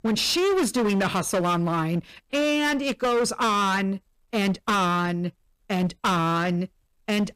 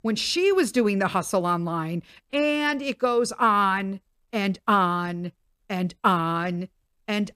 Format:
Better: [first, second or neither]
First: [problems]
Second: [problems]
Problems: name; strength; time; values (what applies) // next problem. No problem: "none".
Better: second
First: distortion; heavy; 22% of the sound clipped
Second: none